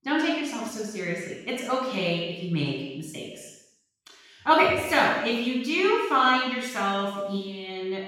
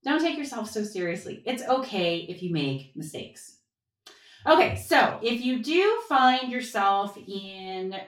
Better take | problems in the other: second | room echo; strong; dies away in 0.9 s; slight in the second // off-mic speech; far; far in the second

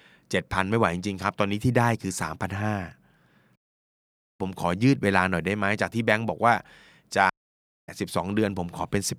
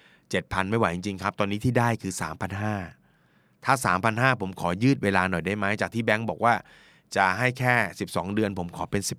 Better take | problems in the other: second | audio cutting out; at 3.5 s for 1 s and at 7.5 s for 0.5 s

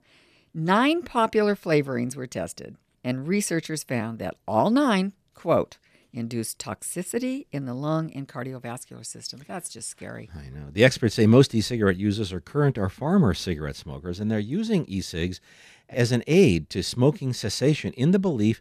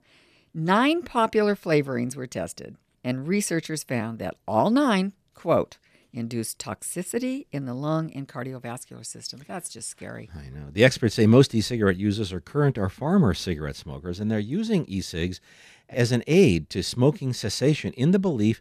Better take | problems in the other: neither | none

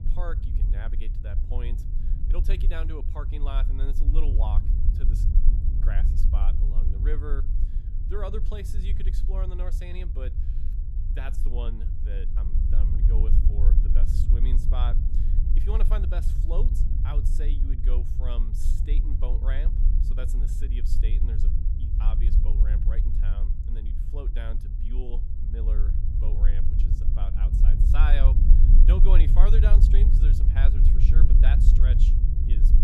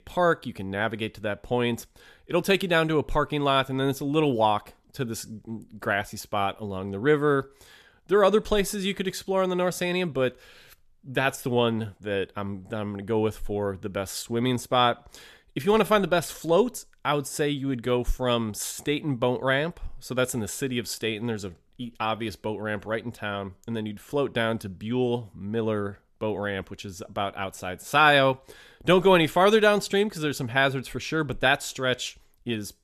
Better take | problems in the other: second | low rumble; loud; throughout; 4 dB below the speech

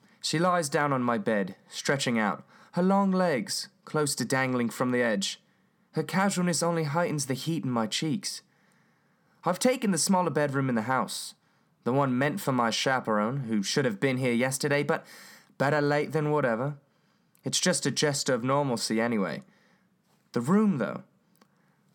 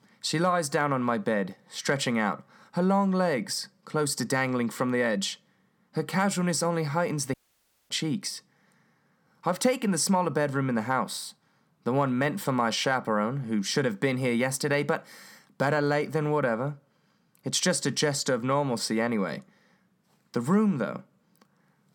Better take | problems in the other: first | audio cutting out; at 7.5 s for 0.5 s

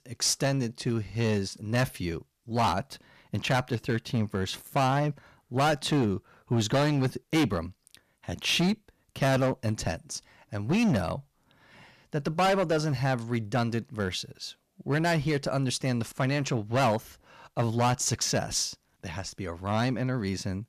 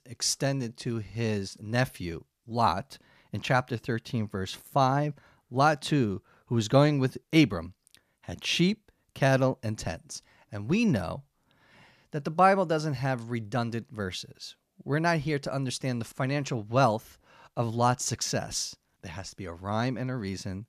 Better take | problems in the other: second | distortion; heavy; 8% of the sound clipped

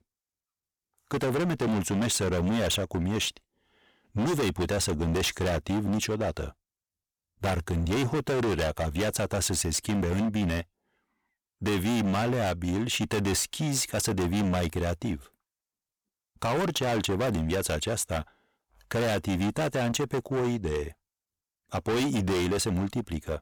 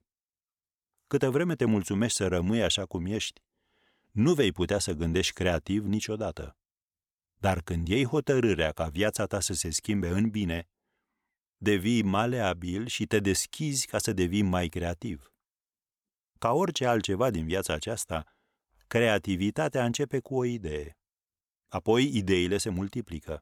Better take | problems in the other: second | distortion; heavy; 24% of the sound clipped

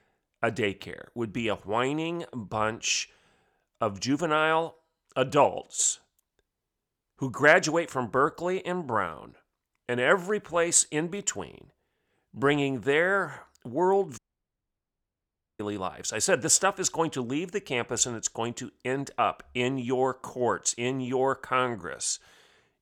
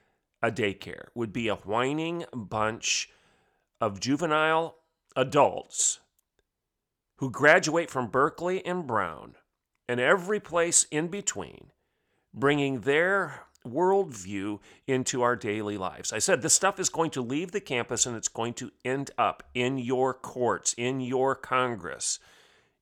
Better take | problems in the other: second | audio cutting out; at 14 s for 1.5 s

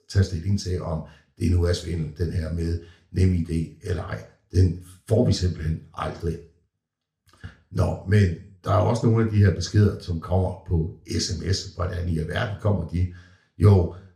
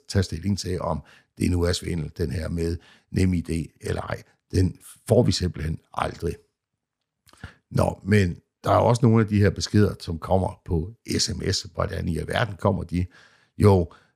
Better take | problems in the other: second | room echo; very slight; dies away in 0.3 s // off-mic speech; somewhat distant

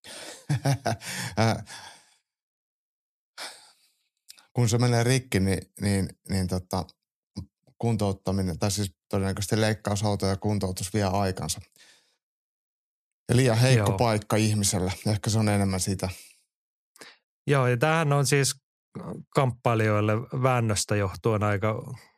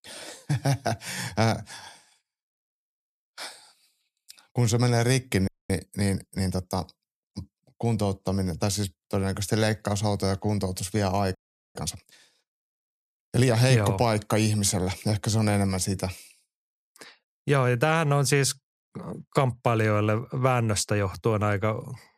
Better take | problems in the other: first | audio freezing; at 5.5 s and at 11 s

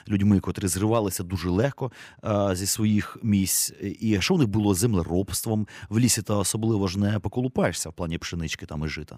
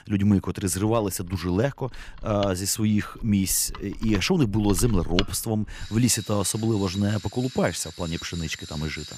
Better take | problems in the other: first | machinery noise; noticeable; throughout; 15 dB below the speech

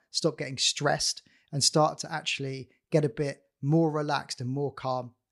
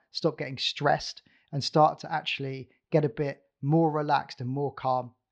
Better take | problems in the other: first | muffled; slightly; fading above 4 kHz

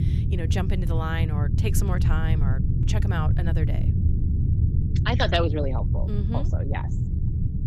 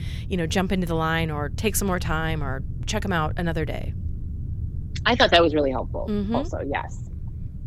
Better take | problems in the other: second | low rumble; loud; throughout; 7 dB below the speech; faint in the second

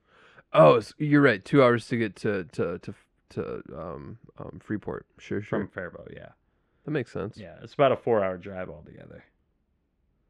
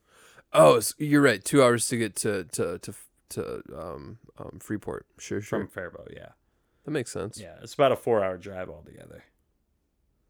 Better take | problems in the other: second | muffled; slightly; fading above 2.5 kHz

